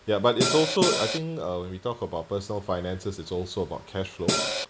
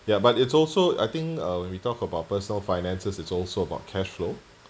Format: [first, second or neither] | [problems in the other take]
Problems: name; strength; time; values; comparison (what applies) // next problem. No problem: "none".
second | background sound (Cymbal); 2 dB above the speech